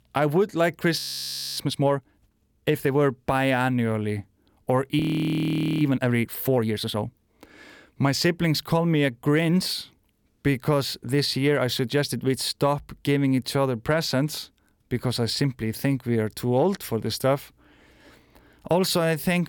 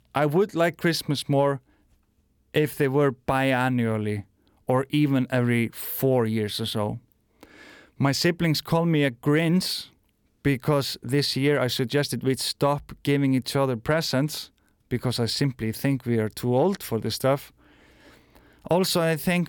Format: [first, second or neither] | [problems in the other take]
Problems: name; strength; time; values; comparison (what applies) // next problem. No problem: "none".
second | audio freezing; at 1 s for 0.5 s and at 5 s for 1 s